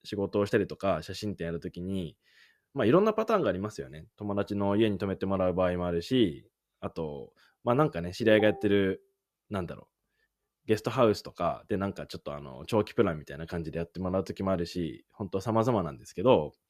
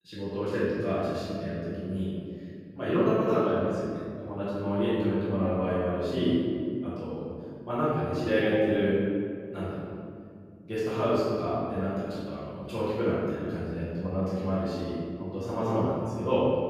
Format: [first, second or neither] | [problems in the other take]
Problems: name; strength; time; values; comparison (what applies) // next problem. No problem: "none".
first | off-mic speech; far // room echo; strong; dies away in 2.4 s